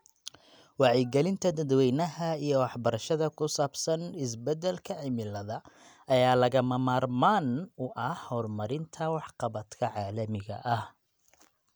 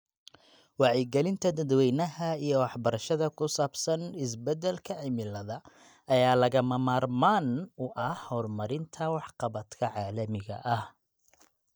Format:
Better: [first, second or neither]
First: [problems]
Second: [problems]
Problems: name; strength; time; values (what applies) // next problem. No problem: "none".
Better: first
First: none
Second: noise reduction (neural mask model DeepFilterNet 3)